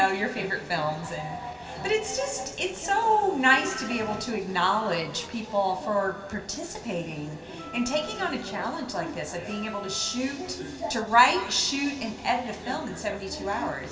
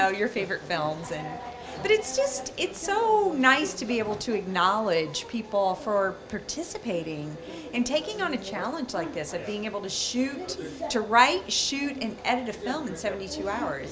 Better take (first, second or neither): second